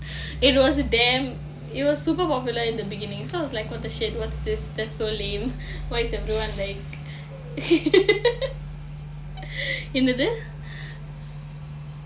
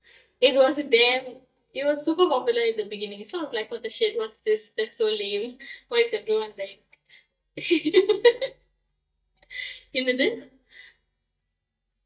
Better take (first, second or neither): first